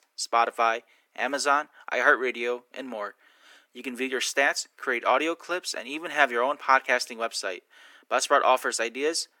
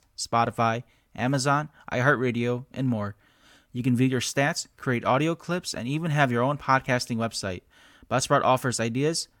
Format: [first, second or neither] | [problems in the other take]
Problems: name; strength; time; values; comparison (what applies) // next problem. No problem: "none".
second | thin; very; fading below 350 Hz